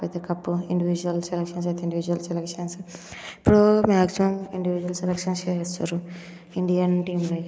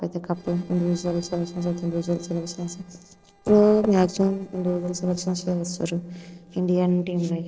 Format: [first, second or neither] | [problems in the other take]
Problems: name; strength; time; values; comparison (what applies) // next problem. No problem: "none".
first | noise reduction (neural separator model SepFormer DNS4)